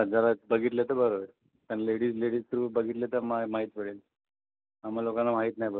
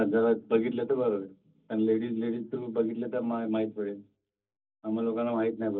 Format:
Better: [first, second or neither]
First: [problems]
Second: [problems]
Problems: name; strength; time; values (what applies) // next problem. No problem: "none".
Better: first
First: none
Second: room echo; dies away in 0.4 s